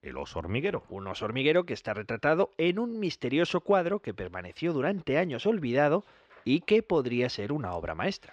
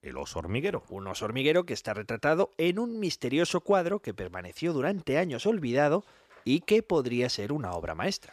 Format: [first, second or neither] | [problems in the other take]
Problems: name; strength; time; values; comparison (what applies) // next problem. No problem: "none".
second | muffled; very slightly; fading above 3 kHz